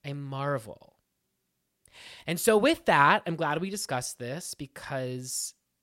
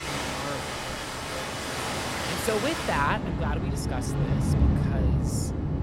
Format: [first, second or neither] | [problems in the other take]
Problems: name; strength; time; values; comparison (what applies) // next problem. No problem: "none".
first | rain or running water; very loud; throughout; 4 dB above the speech